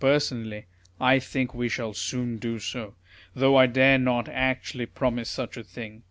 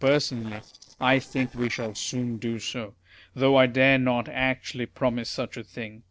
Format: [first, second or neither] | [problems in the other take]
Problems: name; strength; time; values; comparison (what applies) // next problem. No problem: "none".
first | noise reduction (neural separator model SepFormer DNS4)